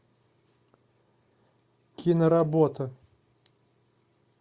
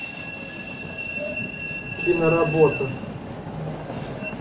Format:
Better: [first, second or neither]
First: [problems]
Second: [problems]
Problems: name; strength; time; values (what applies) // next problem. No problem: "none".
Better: first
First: none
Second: background sound (Train); 4 dB below the speech // room echo; dies away in 0.3 s